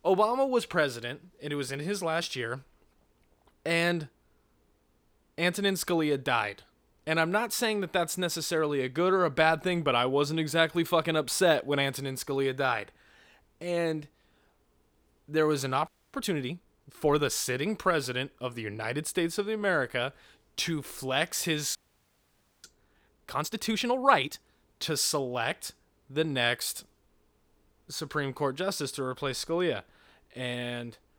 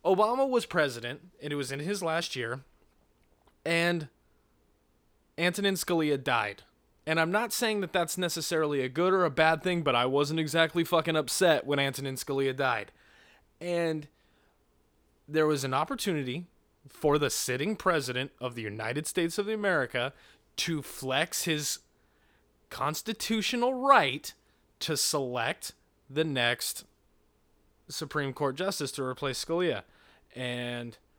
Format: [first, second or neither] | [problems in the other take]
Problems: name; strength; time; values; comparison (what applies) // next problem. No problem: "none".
second | audio freezing; at 16 s and at 22 s for 1 s